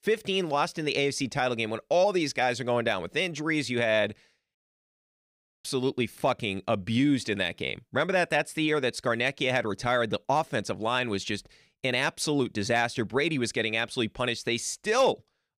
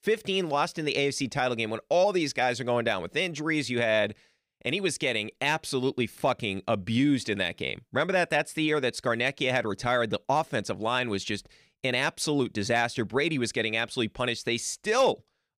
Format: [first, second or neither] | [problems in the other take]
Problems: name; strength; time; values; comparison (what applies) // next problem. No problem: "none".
second | audio cutting out; at 4.5 s for 1 s